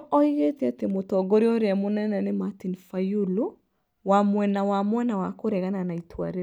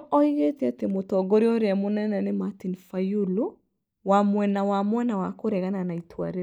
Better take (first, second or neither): first